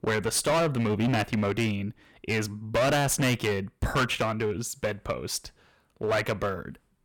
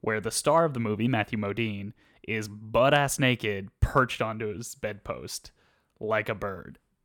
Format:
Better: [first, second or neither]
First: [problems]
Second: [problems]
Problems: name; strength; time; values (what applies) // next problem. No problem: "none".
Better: second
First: distortion; heavy; 13% of the sound clipped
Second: none